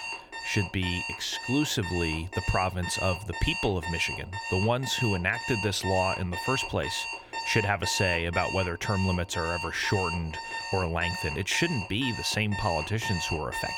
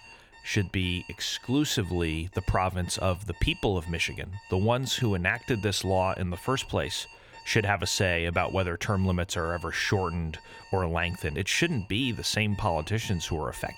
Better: second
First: alarms or sirens; loud; throughout; 5 dB below the speech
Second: alarms or sirens; faint; throughout; 20 dB below the speech

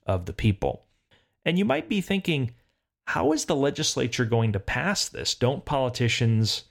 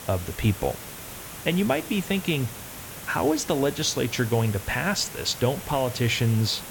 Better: first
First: none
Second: hiss; noticeable; throughout; 10 dB below the speech

